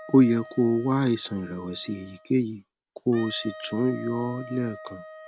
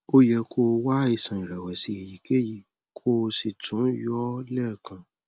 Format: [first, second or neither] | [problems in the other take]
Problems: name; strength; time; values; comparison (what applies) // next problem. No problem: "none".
second | background sound (Wind instrument, woodwind instrument); 18 dB below the speech